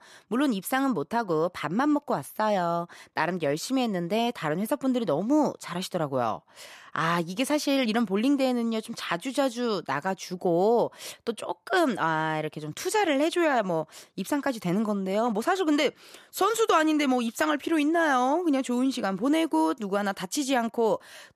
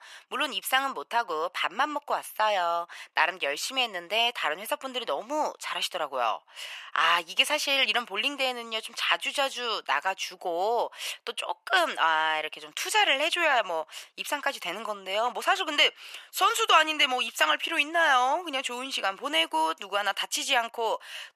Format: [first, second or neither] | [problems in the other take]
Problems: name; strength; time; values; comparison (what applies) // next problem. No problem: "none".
first | thin; very; fading below 850 Hz